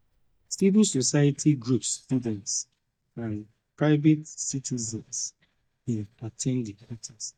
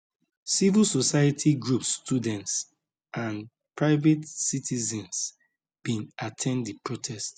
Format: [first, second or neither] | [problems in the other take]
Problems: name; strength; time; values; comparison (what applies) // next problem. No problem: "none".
second | noise reduction (neural mask model DeepFilterNet 3)